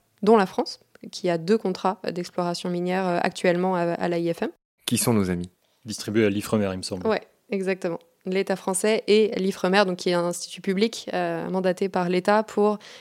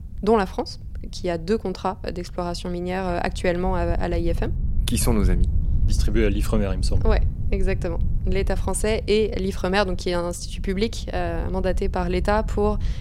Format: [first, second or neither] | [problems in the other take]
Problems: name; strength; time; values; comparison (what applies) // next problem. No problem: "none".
first | wind noise on the microphone; occasional gusts; 20 dB below the speech